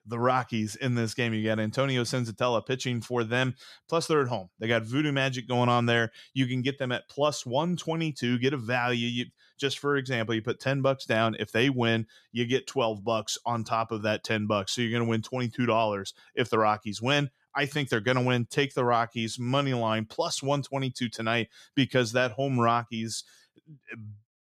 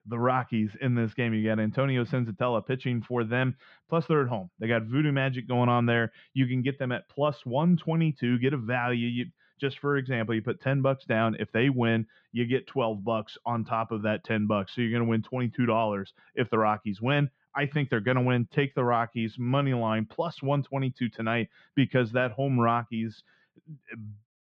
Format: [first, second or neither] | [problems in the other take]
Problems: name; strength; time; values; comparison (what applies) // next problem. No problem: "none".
first | muffled; very; fading above 3 kHz